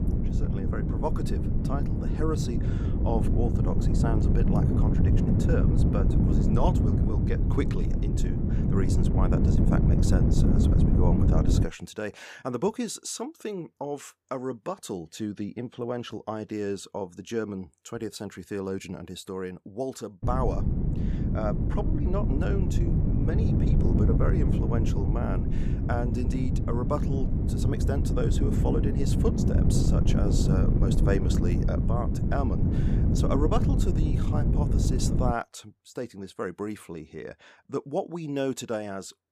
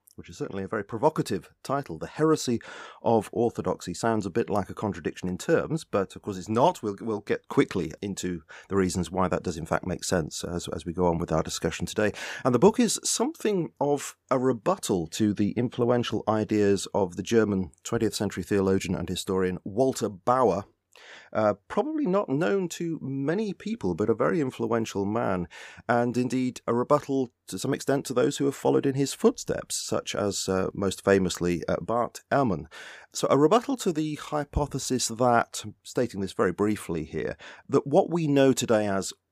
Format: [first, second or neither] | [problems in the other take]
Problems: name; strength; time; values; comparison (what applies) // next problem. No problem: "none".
second | wind noise on the microphone; heavy; until 12 s and from 20 to 35 s; 1 dB below the speech